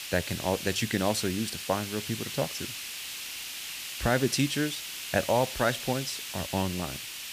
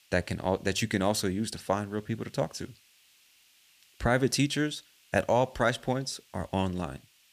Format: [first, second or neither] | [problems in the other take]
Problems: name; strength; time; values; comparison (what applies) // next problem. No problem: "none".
second | hiss; loud; throughout; 6 dB below the speech; faint in the second